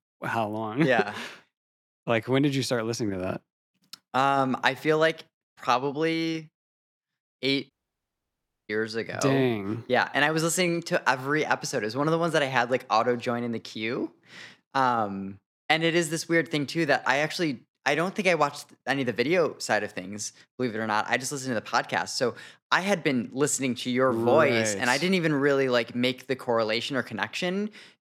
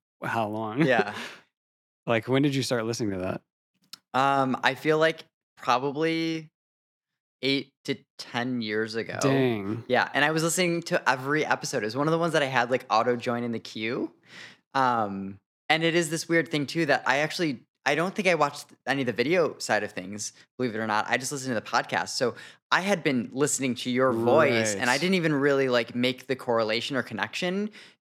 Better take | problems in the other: second | audio cutting out; at 7.5 s for 1 s

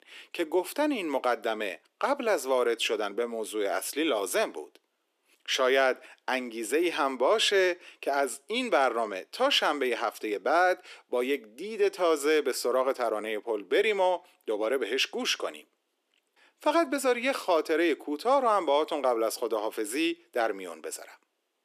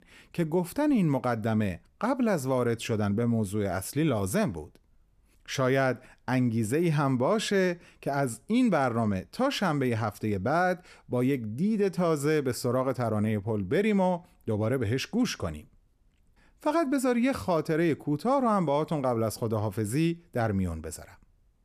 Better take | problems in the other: second | thin; very; fading below 300 Hz

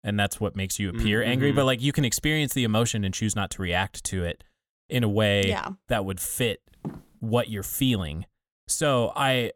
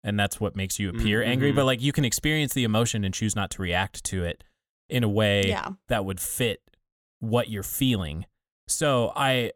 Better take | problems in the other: second | footsteps; faint; at 7 s; peak 15 dB below the speech

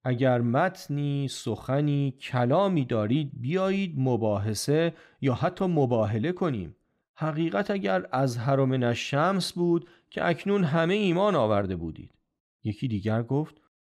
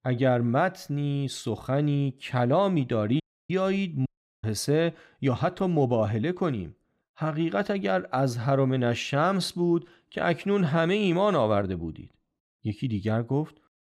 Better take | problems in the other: first | audio cutting out; at 3 s and at 4 s

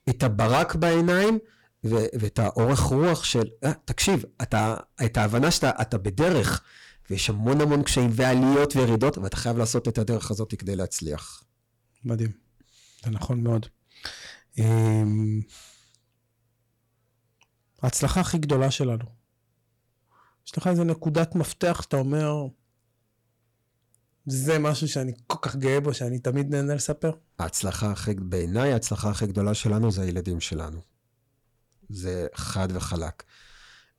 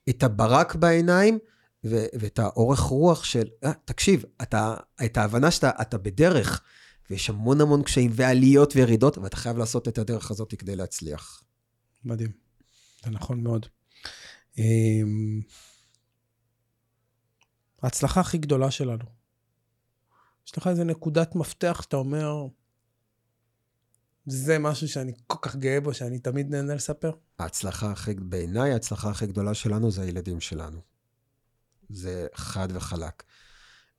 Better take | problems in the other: second | distortion; heavy; 7% of the sound clipped

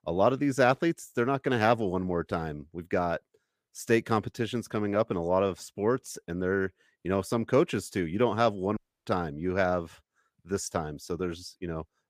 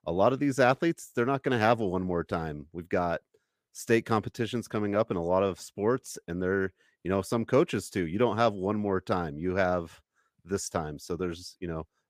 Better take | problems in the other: second | audio cutting out; at 9 s

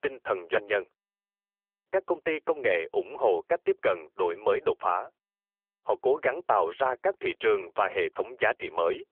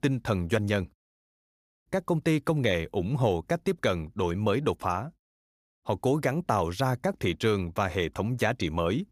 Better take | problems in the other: second | phone-call audio; poor line; nothing above 3.5 kHz

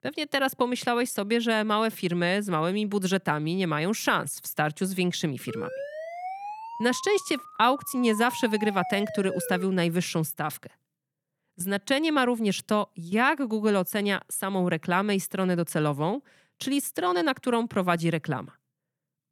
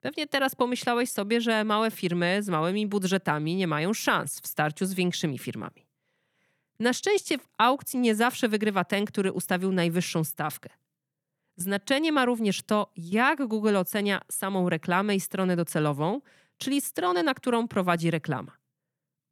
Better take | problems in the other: second | siren; noticeable; from 5.5 to 9.5 s; peak 9 dB below the speech

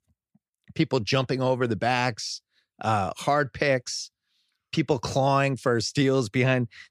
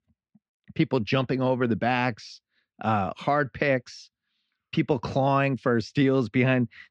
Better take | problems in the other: first | muffled; slightly; fading above 2.5 kHz

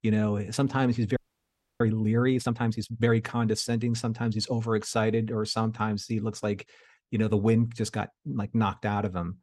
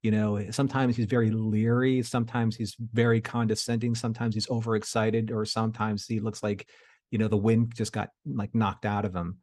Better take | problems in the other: second | audio freezing; at 1 s for 0.5 s

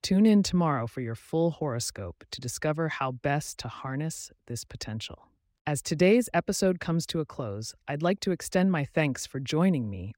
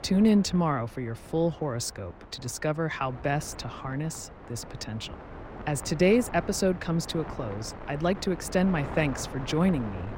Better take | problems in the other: first | wind noise on the microphone; occasional gusts; 10 dB below the speech

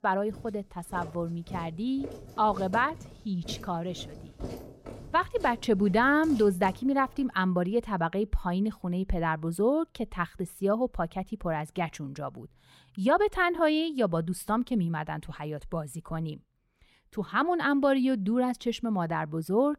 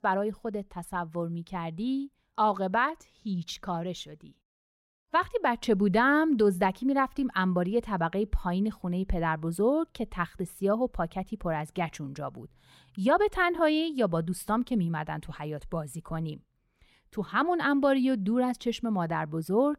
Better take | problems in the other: second | footsteps; faint; until 7 s; peak 10 dB below the speech

